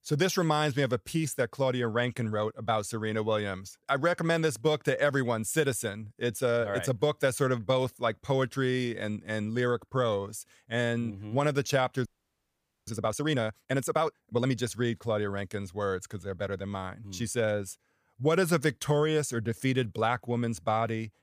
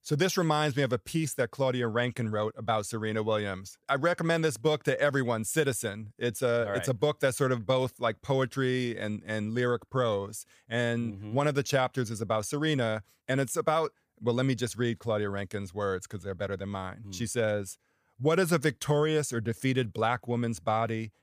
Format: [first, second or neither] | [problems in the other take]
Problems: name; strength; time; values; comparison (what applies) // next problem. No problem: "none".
second | audio freezing; at 12 s for 1 s